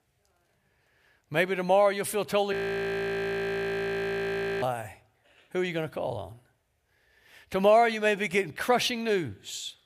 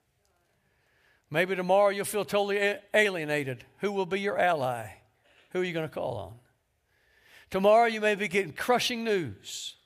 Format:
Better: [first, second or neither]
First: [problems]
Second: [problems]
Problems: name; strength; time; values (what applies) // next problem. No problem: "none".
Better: second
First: audio freezing; at 2.5 s for 2 s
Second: none